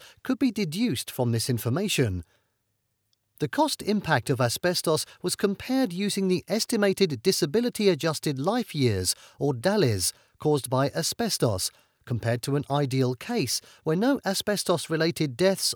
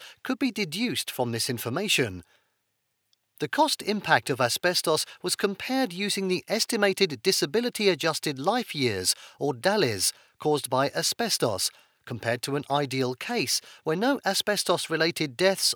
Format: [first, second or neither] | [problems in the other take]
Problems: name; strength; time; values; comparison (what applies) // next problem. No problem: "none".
first | thin; very slightly; fading below 600 Hz